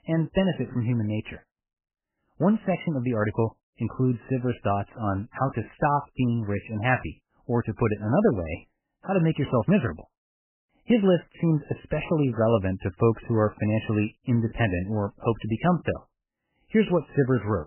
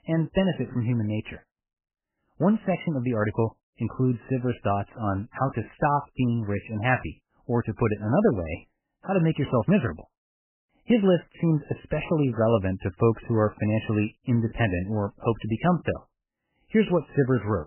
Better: neither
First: garbled, watery; badly; nothing above 3 kHz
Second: garbled, watery; badly; nothing above 3 kHz

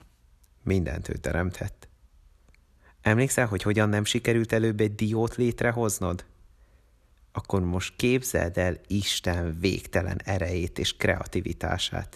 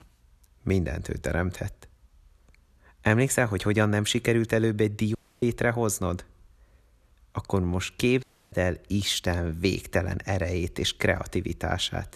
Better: first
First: none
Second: audio cutting out; at 5 s and at 8 s

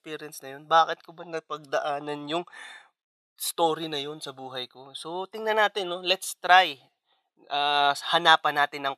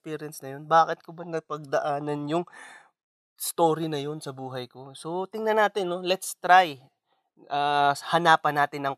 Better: second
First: thin; very slightly; fading below 400 Hz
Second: none

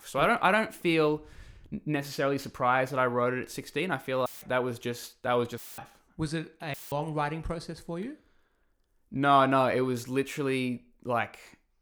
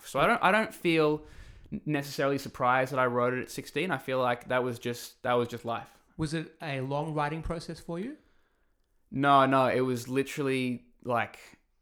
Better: second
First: audio cutting out; filled with static; at 4.5 s, at 5.5 s and at 6.5 s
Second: none

